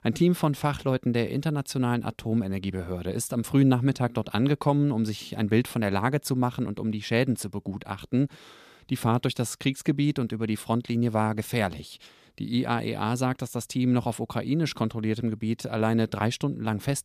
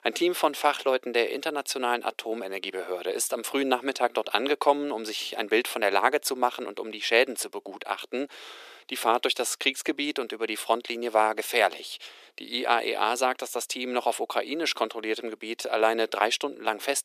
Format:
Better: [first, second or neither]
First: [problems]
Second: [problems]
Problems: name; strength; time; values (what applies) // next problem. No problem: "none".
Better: first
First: none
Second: thin; very; fading below 350 Hz